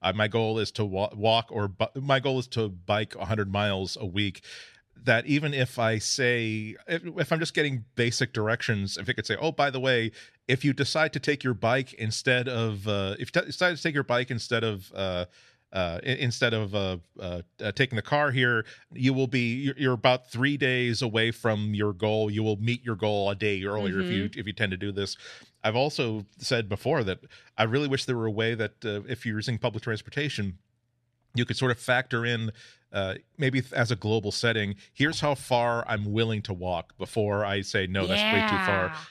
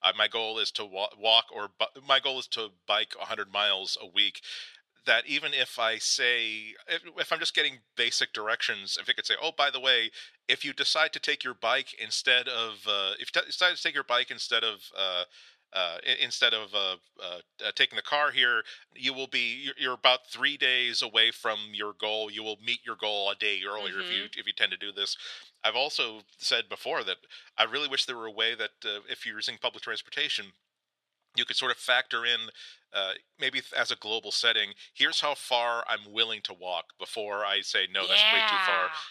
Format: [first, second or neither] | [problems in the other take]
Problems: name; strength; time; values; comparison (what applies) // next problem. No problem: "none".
first | thin; very; fading below 650 Hz